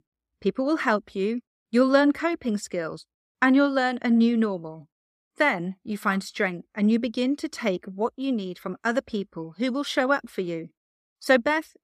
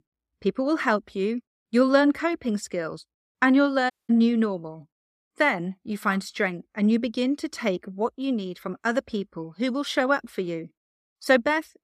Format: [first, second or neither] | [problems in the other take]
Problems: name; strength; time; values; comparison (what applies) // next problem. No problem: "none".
first | audio cutting out; at 4 s